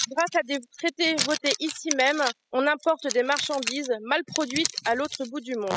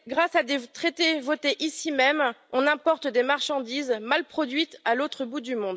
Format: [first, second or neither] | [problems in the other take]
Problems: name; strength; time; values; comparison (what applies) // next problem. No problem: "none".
second | noise reduction (classical method spectral subtraction)